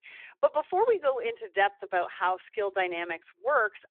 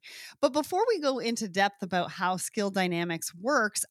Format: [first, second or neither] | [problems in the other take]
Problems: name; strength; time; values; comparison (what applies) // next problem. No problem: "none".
second | phone-call audio